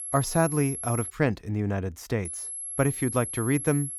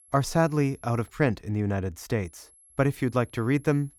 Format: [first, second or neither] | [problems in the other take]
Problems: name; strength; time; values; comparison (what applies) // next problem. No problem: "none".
second | high-pitched whine; loud; until 1 s and from 2.5 s on; 11 kHz, 6 dB below the speech; faint in the second